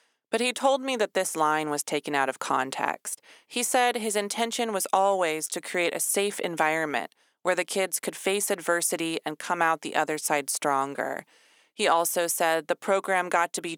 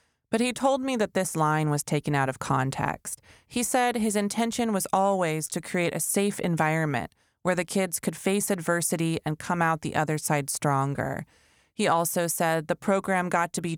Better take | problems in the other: second | thin; somewhat; fading below 300 Hz

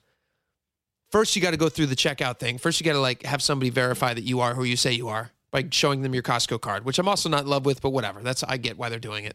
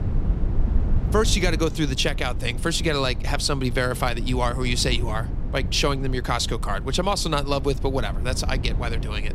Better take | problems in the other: first | low rumble; noticeable; throughout; 15 dB below the speech

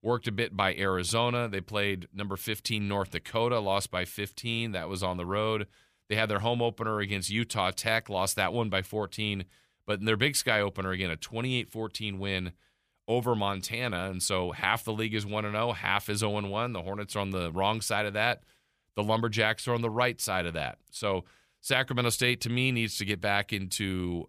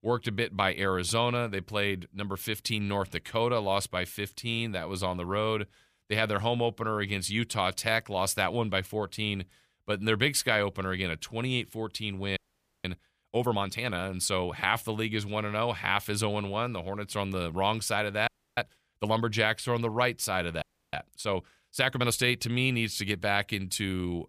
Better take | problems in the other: first | audio freezing; at 12 s, at 18 s and at 21 s

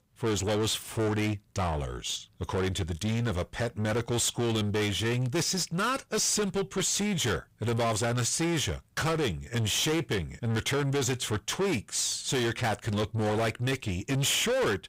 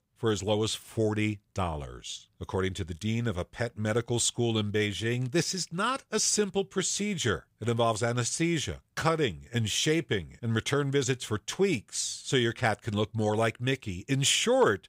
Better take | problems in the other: second | distortion; heavy; 7 dB below the speech

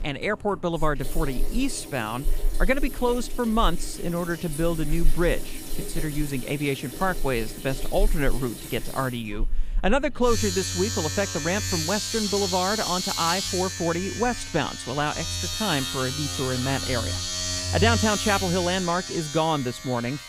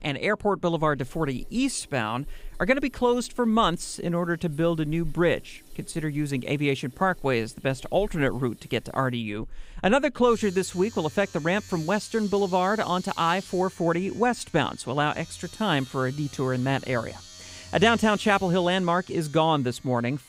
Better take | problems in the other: second | household noises; loud; throughout; 3 dB below the speech; faint in the second

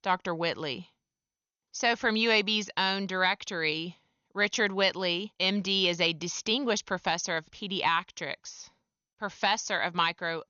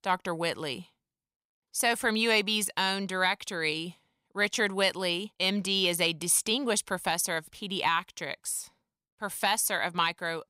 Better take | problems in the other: second | garbled, watery; slightly; nothing above 6.5 kHz

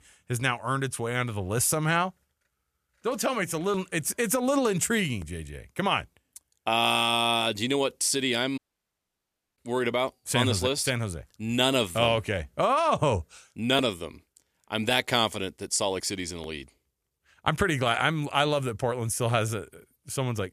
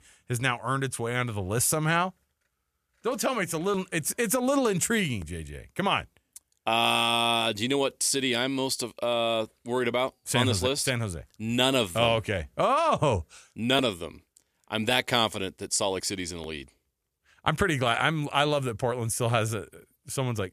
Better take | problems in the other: second | audio cutting out; at 8.5 s for 1 s

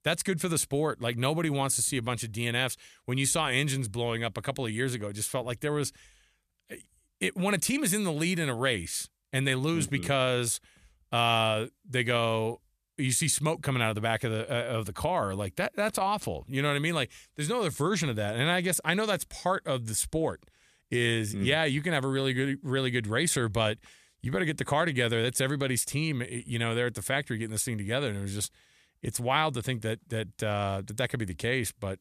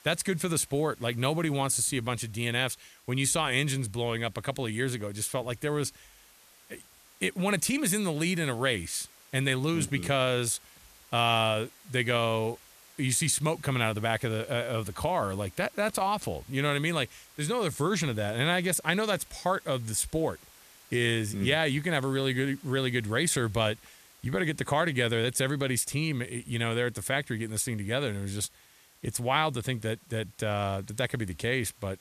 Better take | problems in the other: first | hiss; faint; throughout; 25 dB below the speech

